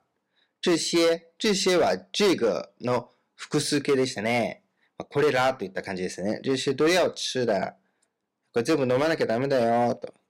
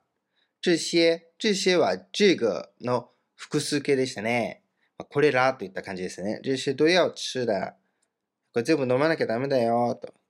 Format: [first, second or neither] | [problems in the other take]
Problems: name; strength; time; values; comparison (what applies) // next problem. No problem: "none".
second | distortion; slight; 7% of the sound clipped